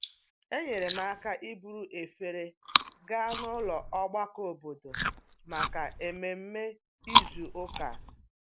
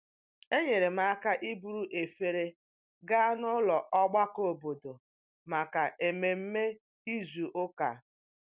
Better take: second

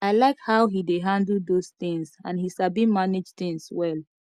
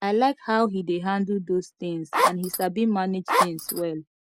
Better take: first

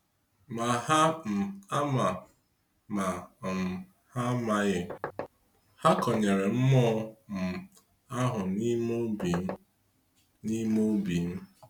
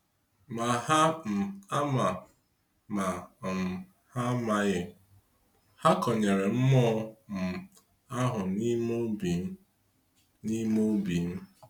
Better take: second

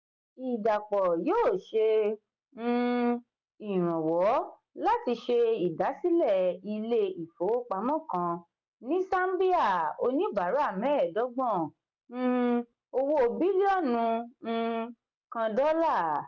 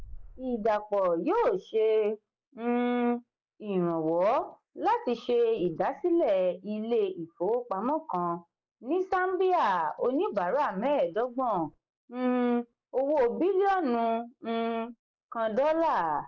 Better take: first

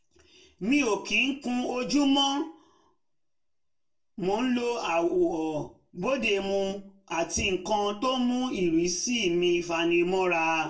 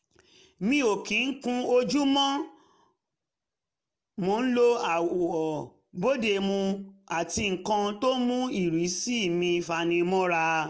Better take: second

